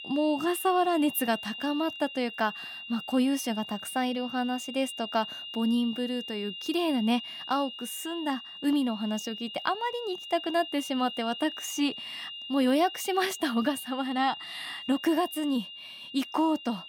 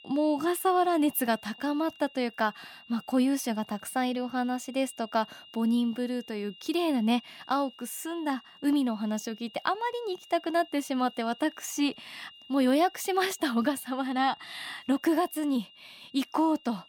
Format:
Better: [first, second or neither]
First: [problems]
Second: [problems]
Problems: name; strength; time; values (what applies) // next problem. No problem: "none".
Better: second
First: high-pitched whine; loud; throughout; 3 kHz, 9 dB below the speech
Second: high-pitched whine; faint; throughout; 3 kHz, 20 dB below the speech